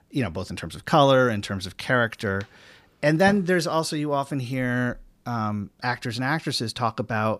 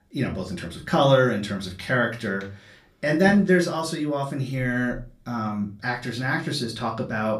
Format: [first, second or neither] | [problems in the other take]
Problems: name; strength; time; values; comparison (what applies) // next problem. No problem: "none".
first | off-mic speech; far // room echo; very slight; dies away in 0.3 s